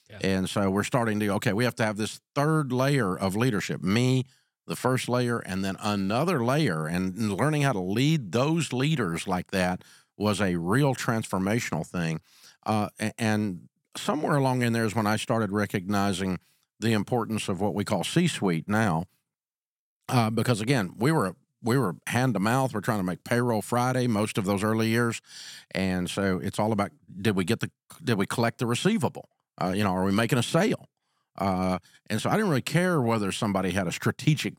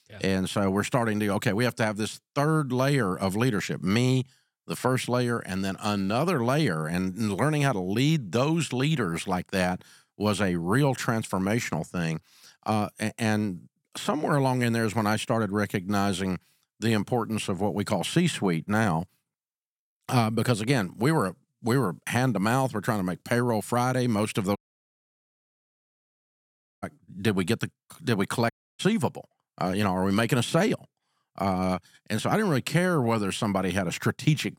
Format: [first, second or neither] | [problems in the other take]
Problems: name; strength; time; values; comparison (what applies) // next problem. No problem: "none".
first | audio cutting out; at 25 s for 2.5 s and at 29 s